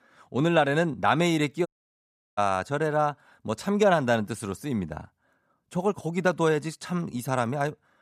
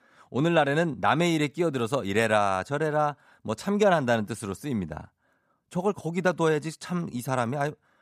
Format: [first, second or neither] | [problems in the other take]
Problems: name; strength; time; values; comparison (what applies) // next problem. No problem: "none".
second | audio cutting out; at 1.5 s for 0.5 s